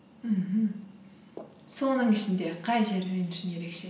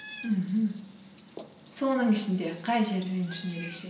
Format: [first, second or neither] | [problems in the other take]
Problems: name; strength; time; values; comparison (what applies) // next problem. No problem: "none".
first | background sound (Meow); 20 dB below the speech